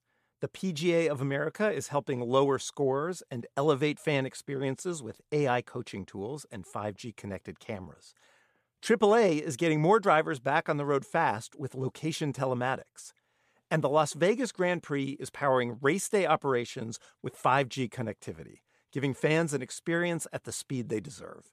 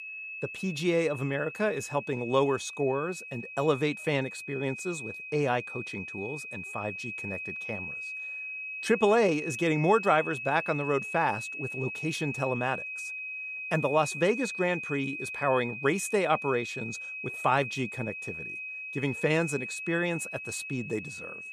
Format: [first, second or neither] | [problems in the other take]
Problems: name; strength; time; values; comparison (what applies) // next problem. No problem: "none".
first | high-pitched whine; loud; throughout; 2.5 kHz, 7 dB below the speech